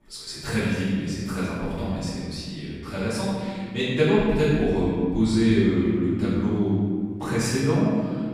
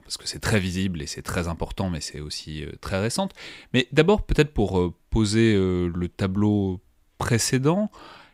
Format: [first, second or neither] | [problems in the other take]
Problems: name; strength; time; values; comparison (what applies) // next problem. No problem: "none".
second | room echo; strong; dies away in 2.3 s // off-mic speech; far